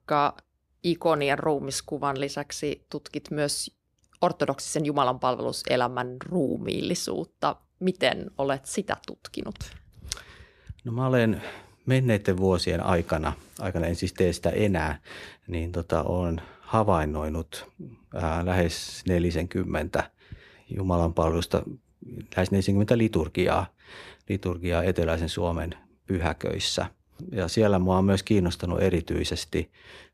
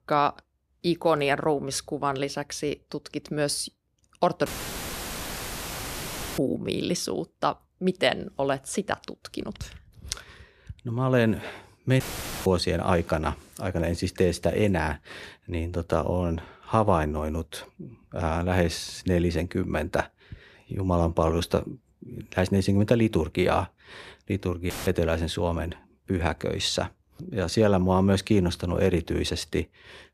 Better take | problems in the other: first | audio cutting out; filled with static; at 4.5 s for 2 s, at 12 s and at 25 s

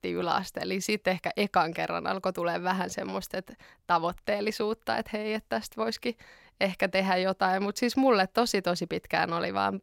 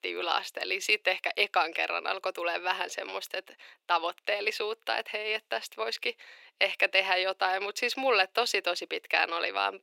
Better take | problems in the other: first | thin; very; fading below 350 Hz

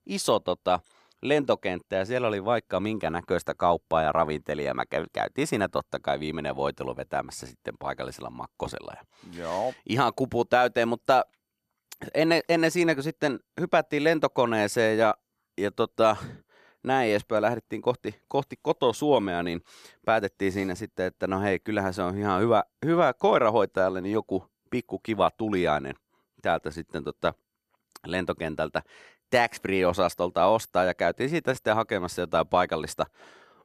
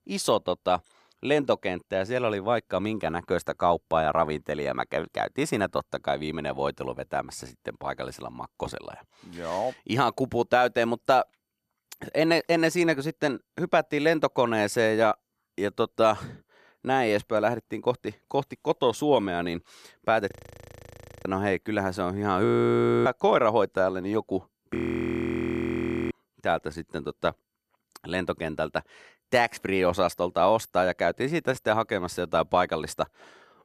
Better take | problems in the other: first | audio freezing; at 20 s for 1 s, at 22 s for 0.5 s and at 25 s for 1.5 s

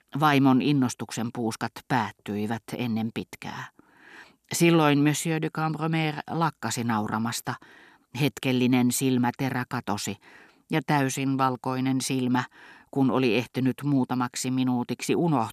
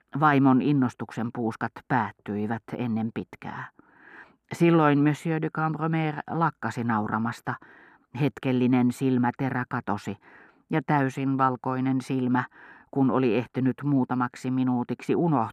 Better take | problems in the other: first | muffled; very; fading above 3 kHz

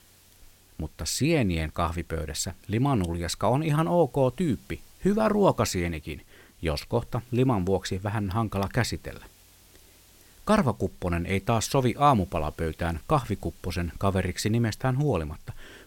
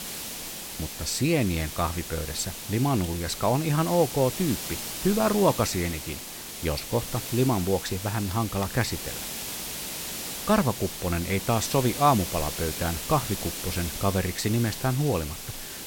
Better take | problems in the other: first | hiss; loud; throughout; 7 dB below the speech; faint in the first

